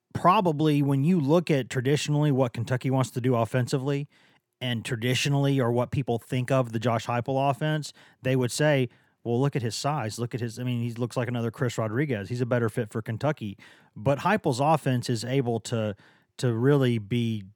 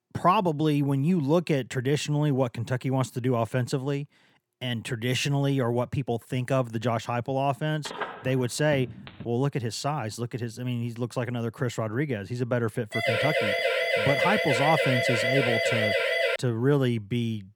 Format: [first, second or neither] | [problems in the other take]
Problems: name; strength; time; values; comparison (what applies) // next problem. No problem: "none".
first | phone ringing; noticeable; from 8 to 9.5 s; peak 7 dB below the speech // siren; loud; from 13 to 16 s; peak 4 dB above the speech